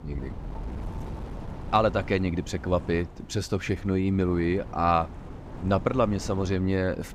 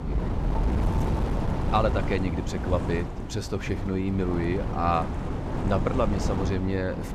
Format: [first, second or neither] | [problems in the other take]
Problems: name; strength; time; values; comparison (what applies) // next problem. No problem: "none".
first | wind noise on the microphone; heavy; 6 dB below the speech; occasional gusts in the first